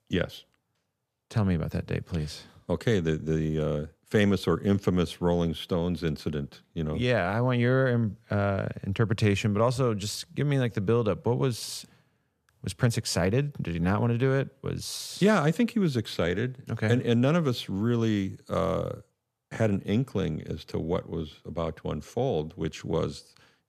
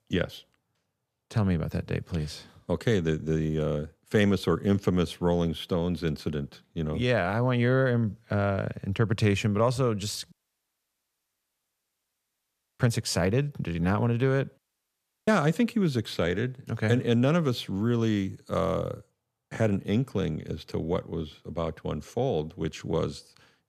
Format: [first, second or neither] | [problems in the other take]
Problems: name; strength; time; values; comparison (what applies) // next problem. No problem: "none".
first | audio cutting out; at 10 s for 2.5 s and at 15 s for 0.5 s